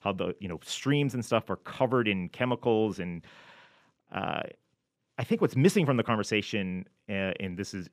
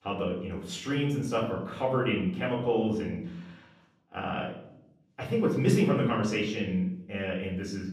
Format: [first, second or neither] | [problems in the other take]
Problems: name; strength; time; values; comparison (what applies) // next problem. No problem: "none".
first | off-mic speech; far // room echo; noticeable; dies away in 0.7 s